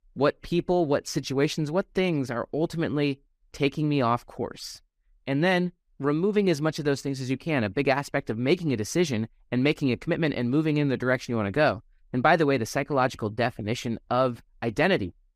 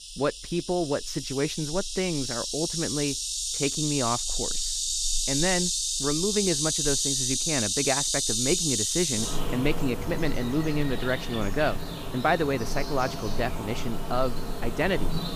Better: first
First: none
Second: animal sounds; very loud; throughout; 1 dB above the speech

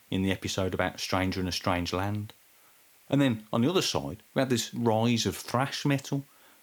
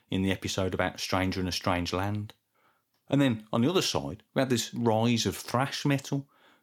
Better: second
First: hiss; faint; throughout; 30 dB below the speech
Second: none

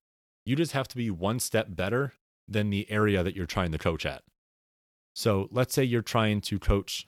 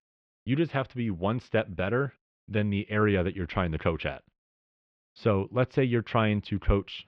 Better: first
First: none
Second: muffled; very; fading above 3 kHz

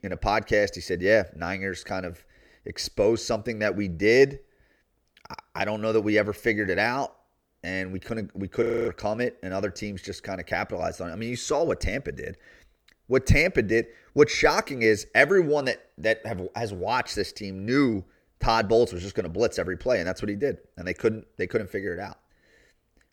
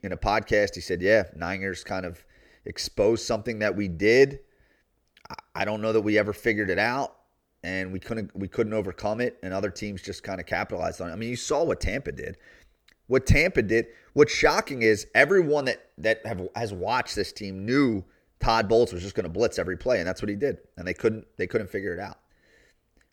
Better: second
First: audio freezing; at 8.5 s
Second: none

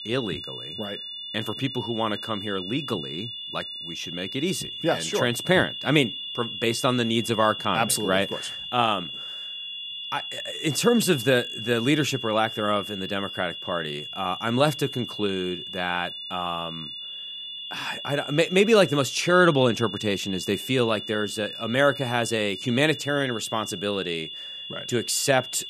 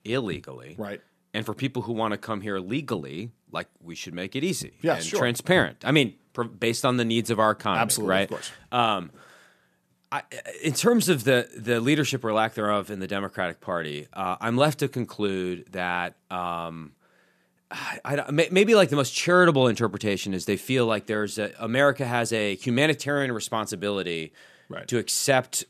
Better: second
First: high-pitched whine; loud; throughout; 3.5 kHz, 8 dB below the speech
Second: none

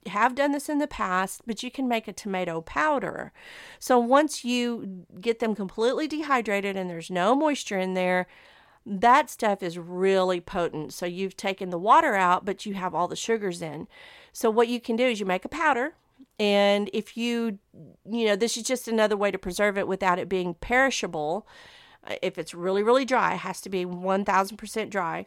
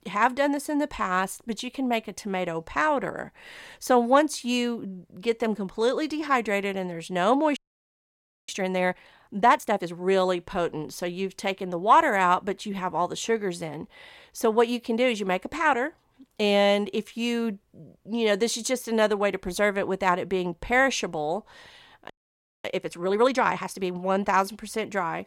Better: first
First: none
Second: audio freezing; at 7.5 s for 1 s and at 22 s for 0.5 s

